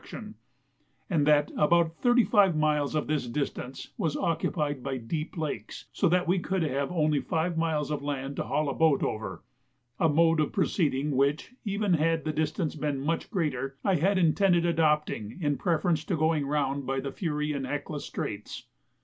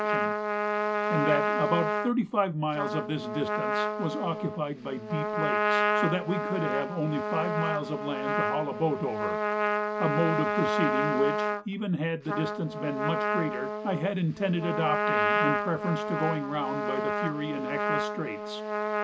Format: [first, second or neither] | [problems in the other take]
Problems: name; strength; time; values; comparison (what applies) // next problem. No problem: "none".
first | background sound (Trumpet); 1 dB above the speech